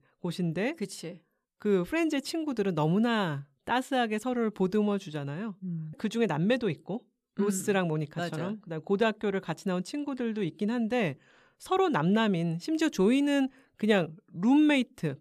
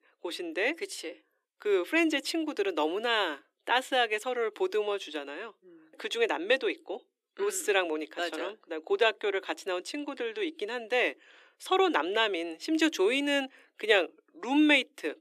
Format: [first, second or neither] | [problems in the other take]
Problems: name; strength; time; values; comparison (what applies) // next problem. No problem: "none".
first | thin; somewhat; fading below 300 Hz